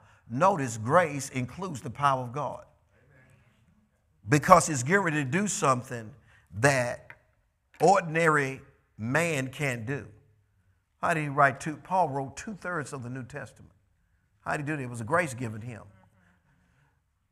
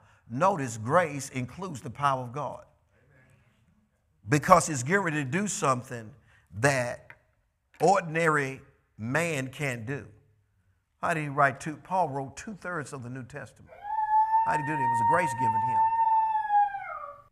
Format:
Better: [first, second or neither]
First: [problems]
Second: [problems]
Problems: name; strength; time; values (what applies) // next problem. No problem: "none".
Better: first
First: none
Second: dog barking; loud; from 14 s on; peak 5 dB above the speech